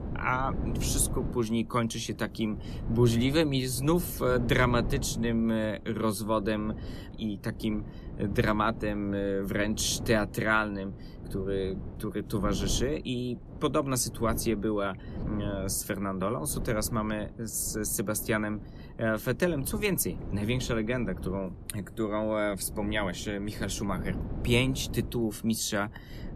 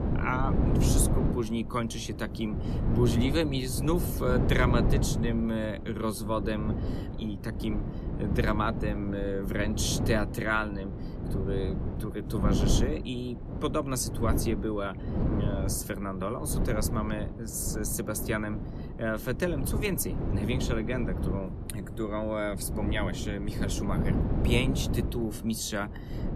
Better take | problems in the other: first | wind noise on the microphone; heavy; 6 dB below the speech; occasional gusts in the first

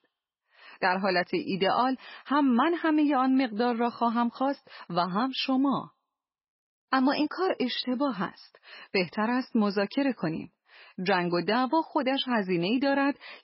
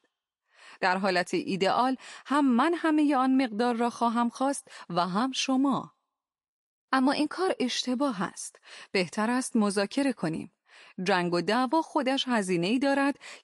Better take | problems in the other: second | garbled, watery; badly; nothing above 5.5 kHz; slightly in the second

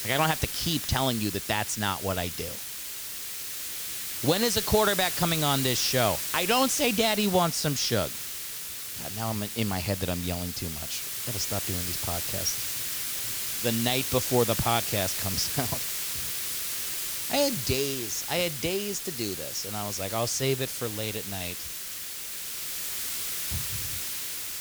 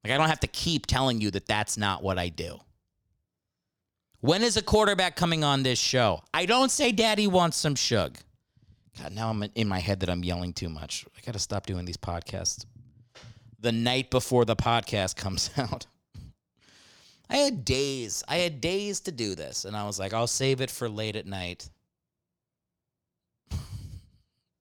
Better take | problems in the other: second | hiss; loud; throughout; 2 dB below the speech

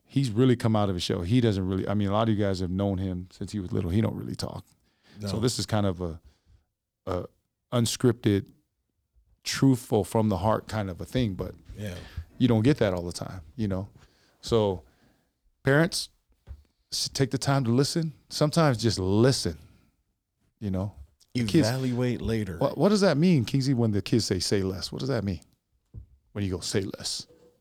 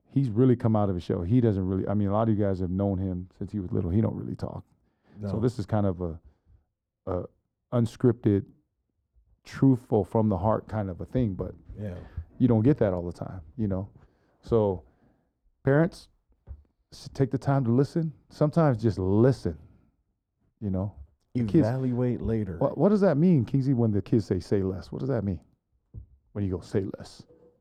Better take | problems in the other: first | muffled; very; fading above 2 kHz

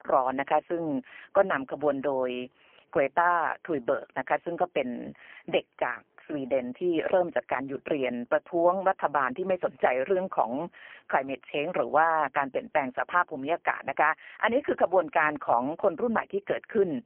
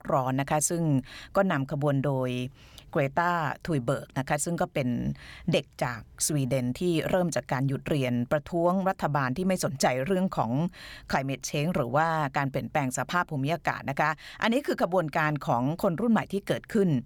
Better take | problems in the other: second | phone-call audio; poor line; nothing above 3 kHz

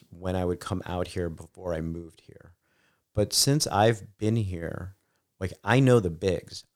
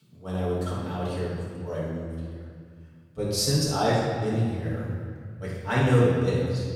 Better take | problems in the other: first | off-mic speech; far // room echo; strong; dies away in 1.9 s

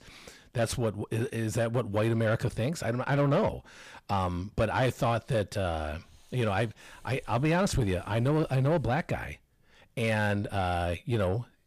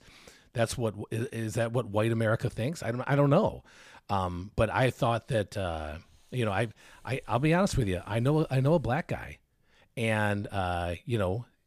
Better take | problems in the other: second | distortion; slight; 10 dB below the speech

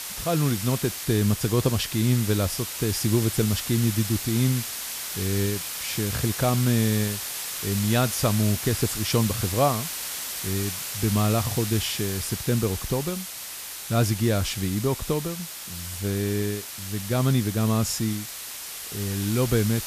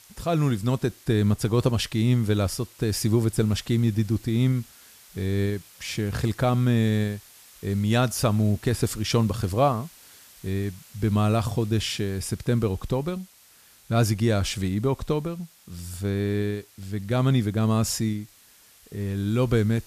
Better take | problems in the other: second | hiss; loud; throughout; 5 dB below the speech; faint in the second

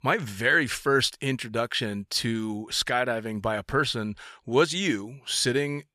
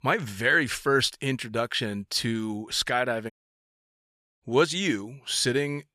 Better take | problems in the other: first | audio cutting out; at 3.5 s for 1 s

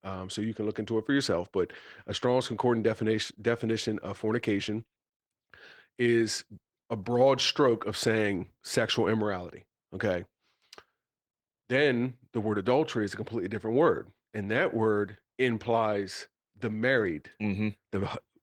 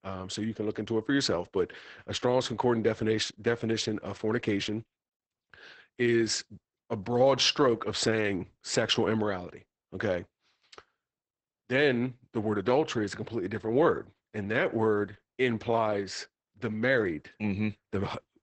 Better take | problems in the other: first | garbled, watery; badly; nothing above 8 kHz; slightly in the first

